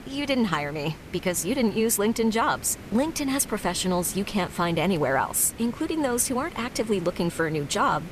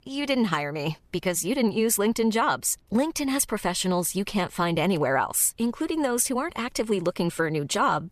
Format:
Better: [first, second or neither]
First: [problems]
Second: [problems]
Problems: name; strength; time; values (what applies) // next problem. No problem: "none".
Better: second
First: hiss; noticeable; throughout; 15 dB below the speech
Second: none